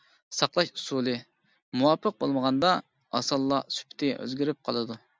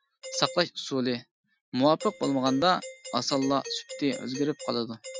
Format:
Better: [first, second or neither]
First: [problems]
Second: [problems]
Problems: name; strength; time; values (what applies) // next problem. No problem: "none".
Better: first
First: none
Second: noise reduction (classical method Wiener filter)